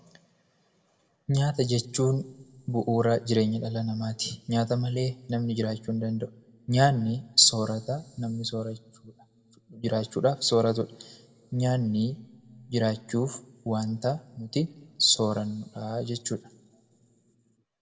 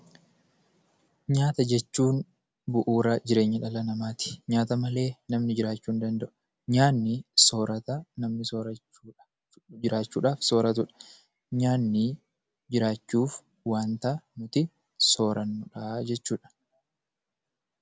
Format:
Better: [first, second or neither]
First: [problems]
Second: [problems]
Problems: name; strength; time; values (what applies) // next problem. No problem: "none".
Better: second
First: room echo; dies away in 0.7 s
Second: none